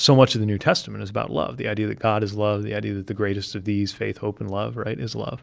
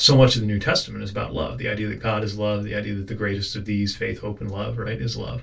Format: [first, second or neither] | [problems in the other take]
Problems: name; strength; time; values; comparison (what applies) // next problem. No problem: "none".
first | room echo; dies away in 0.2 s